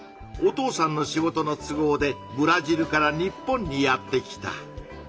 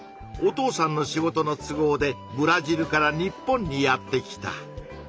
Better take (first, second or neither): second